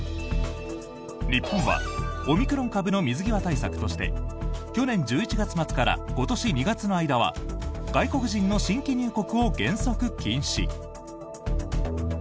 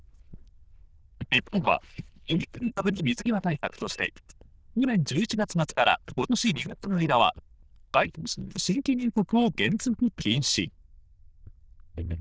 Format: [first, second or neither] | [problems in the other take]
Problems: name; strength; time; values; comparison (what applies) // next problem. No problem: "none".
first | noise reduction (neural diffusion model UNIVERSE++)